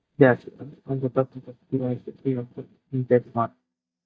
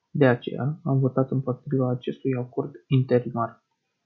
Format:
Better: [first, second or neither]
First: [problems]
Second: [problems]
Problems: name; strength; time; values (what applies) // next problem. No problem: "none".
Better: second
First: noise reduction (neural mask model DeepFilterNet 3)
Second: none